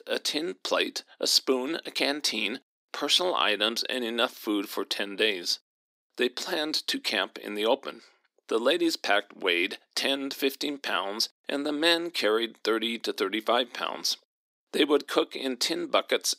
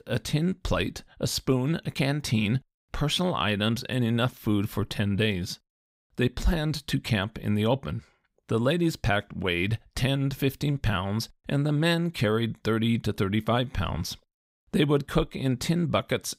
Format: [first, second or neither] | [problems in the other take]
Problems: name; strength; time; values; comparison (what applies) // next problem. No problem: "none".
second | thin; somewhat; fading below 300 Hz